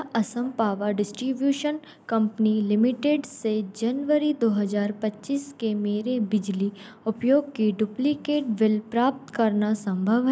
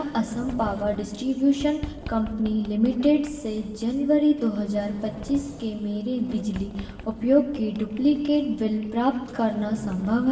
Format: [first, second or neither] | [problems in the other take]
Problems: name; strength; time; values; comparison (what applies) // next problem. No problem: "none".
first | background sound (Sliding door); 16 dB below the speech // room echo; dies away in 1.2 s